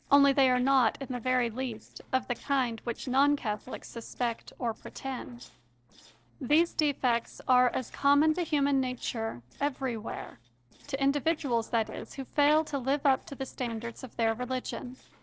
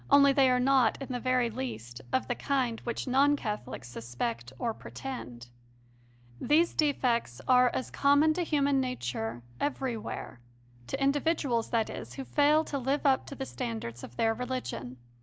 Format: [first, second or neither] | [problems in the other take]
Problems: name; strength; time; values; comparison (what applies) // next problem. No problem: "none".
second | noise reduction (neural separator model SepFormer DNS4)